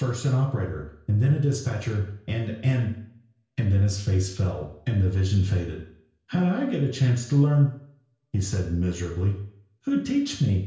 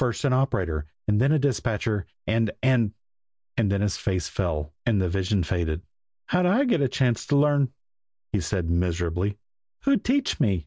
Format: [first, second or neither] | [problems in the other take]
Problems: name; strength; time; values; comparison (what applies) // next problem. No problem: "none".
second | room echo; dies away in 0.5 s